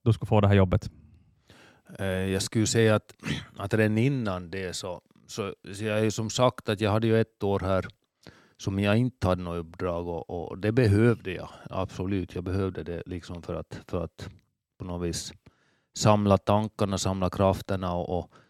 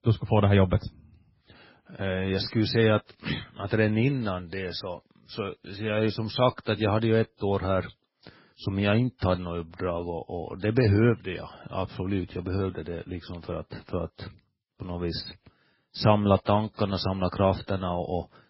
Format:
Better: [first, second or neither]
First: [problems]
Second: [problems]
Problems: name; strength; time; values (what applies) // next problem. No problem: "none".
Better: first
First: none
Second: garbled, watery; badly; nothing above 5.5 kHz